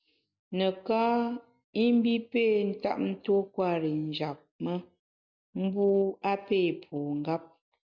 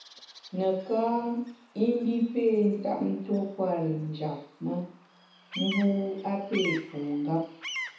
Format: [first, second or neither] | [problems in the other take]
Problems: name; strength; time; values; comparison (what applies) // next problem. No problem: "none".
first | background sound (Bird vocalization, bird call, bird song); 14 dB below the speech // room echo; dies away in 0.7 s